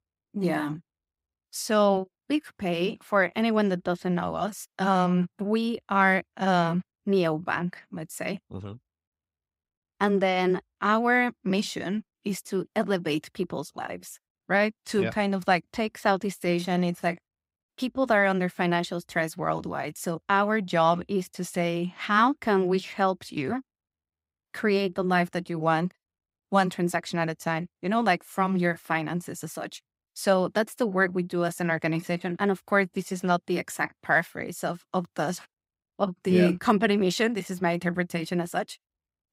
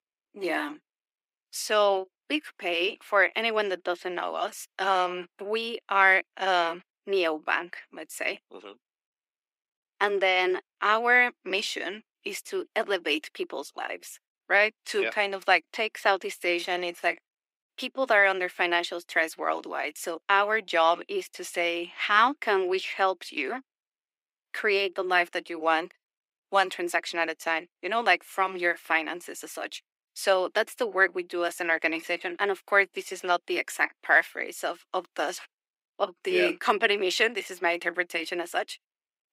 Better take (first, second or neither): first